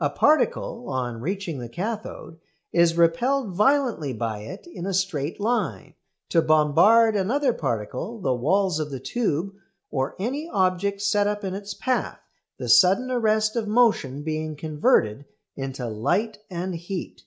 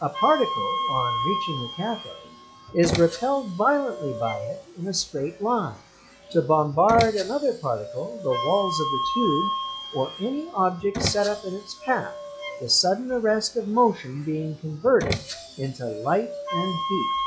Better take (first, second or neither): first